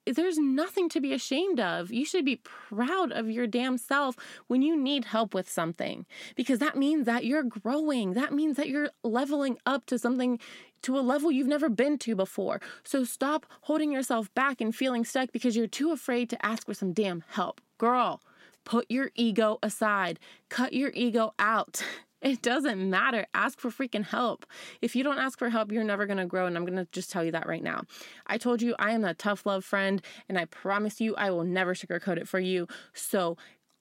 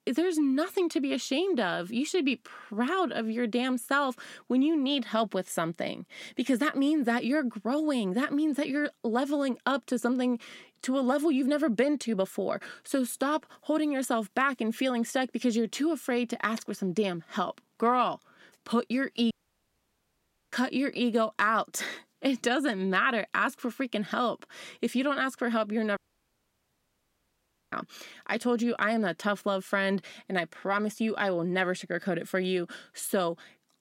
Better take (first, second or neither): first